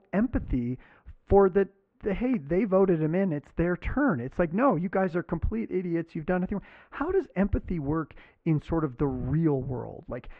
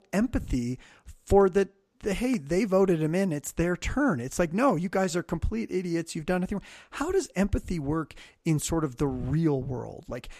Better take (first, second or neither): second